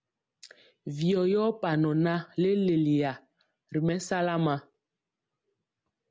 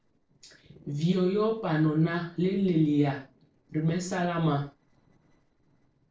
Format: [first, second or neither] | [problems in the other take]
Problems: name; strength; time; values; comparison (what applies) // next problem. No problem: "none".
first | noise reduction (neural separator model SepFormer DNS4)